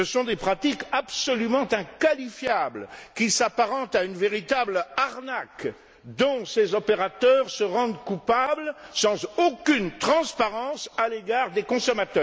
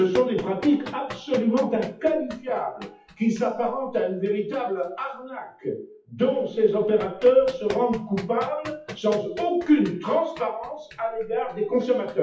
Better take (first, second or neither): first